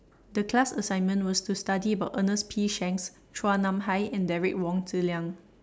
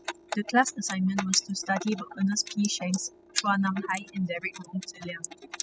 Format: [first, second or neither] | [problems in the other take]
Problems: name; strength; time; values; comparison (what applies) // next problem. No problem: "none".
first | noise reduction (classical method spectral subtraction)